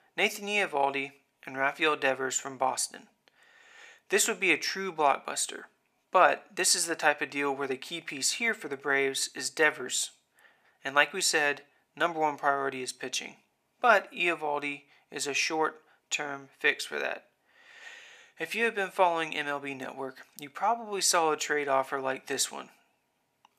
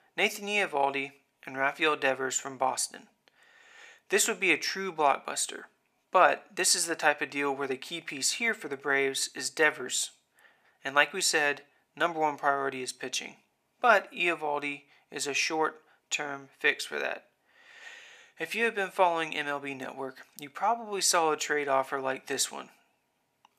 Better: neither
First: thin; very; fading below 600 Hz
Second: thin; very; fading below 600 Hz

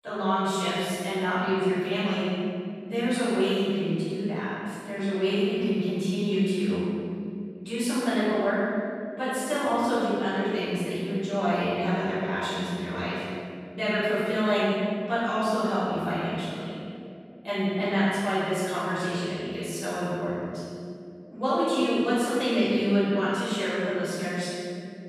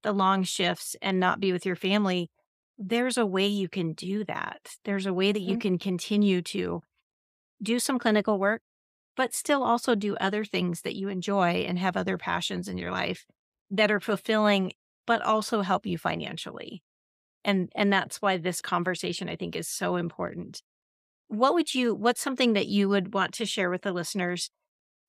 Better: second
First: room echo; strong; dies away in 2.4 s // off-mic speech; far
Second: none

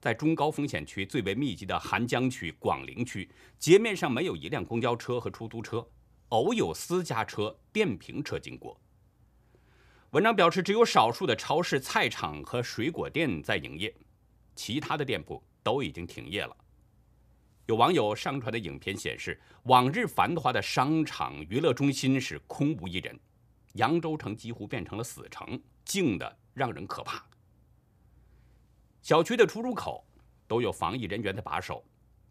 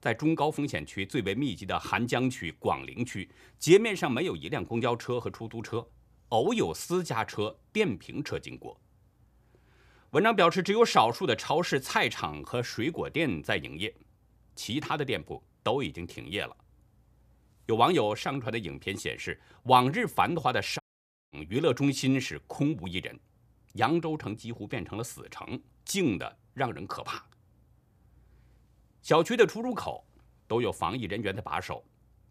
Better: first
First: none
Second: audio cutting out; at 21 s for 0.5 s

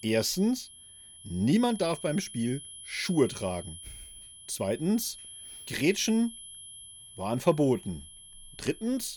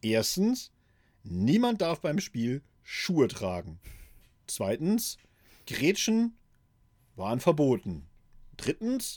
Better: second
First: high-pitched whine; noticeable; throughout; 11 kHz, 15 dB below the speech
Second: none

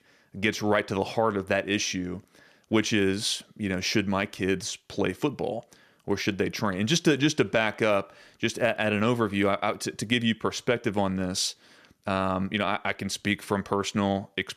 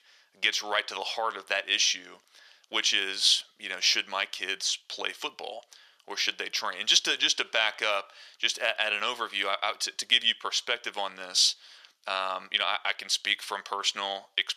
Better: first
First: none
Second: thin; very; fading below 900 Hz

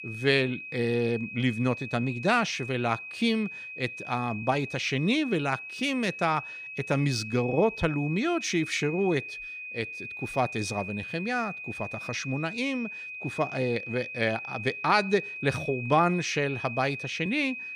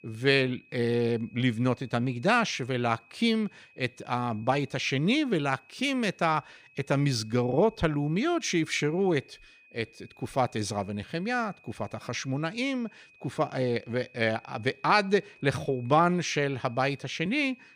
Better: second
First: high-pitched whine; loud; throughout; 2.5 kHz, 8 dB below the speech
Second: high-pitched whine; faint; throughout; 2.5 kHz, 30 dB below the speech

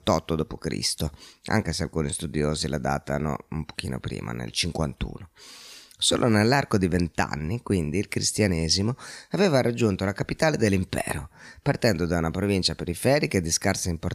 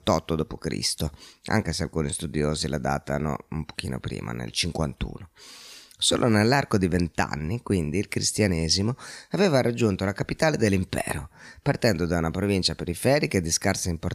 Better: neither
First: none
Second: none

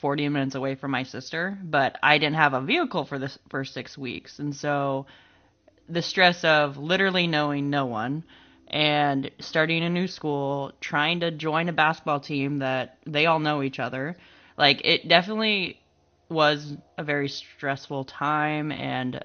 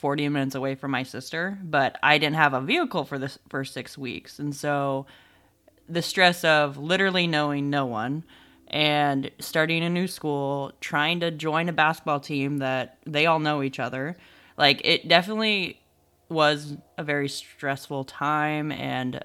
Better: second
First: garbled, watery; slightly; nothing above 6.5 kHz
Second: none

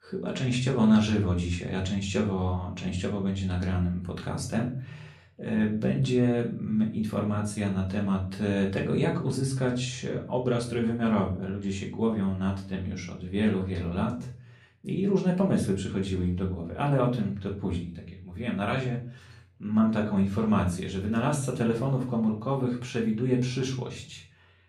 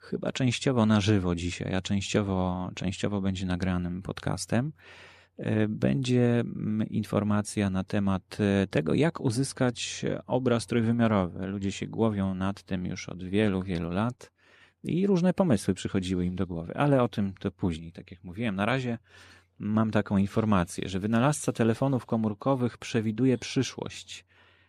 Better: second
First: room echo; slight; dies away in 0.4 s // off-mic speech; far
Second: none

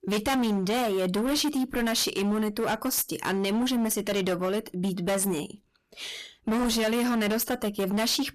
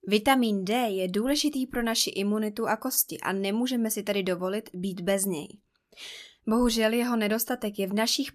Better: second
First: distortion; heavy; 25% of the sound clipped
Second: none

